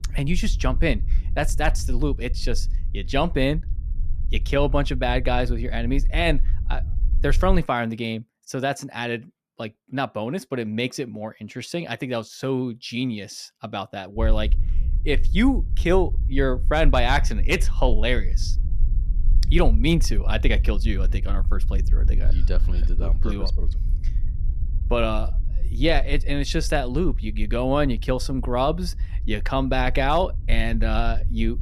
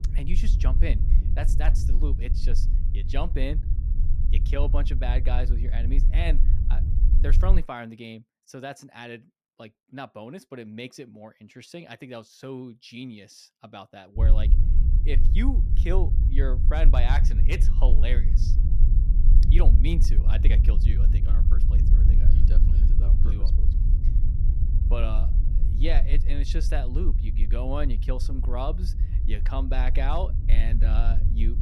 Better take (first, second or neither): first